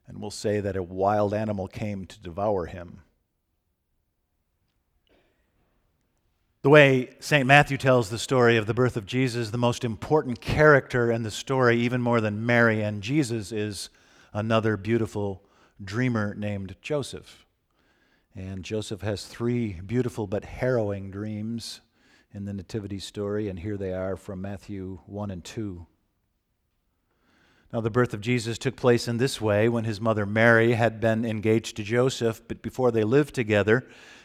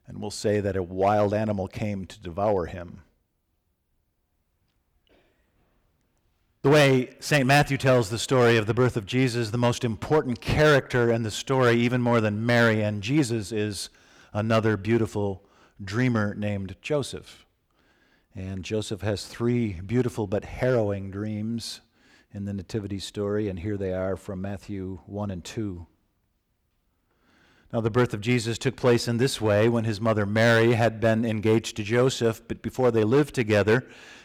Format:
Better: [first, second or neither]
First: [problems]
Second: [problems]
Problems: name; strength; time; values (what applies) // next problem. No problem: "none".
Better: first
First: none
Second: distortion; slight; 2% of the sound clipped